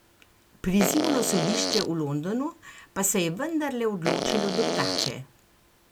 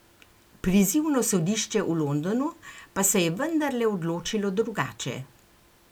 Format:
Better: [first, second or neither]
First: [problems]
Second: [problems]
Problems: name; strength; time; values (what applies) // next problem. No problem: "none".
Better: second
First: background sound (Fart); 1 dB above the speech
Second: none